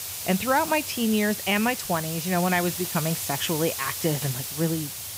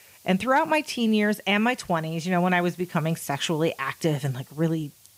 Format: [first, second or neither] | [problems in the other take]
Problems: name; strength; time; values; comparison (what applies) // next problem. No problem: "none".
second | hiss; loud; throughout; 4 dB below the speech; faint in the second